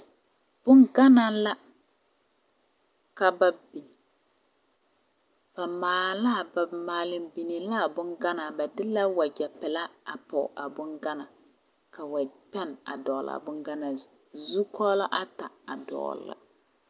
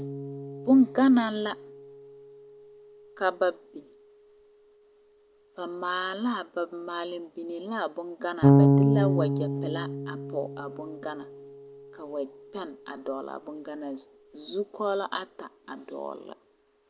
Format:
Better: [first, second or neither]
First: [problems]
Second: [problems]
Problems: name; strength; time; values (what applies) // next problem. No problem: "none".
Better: first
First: none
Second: background sound (Bass guitar); 1 dB above the speech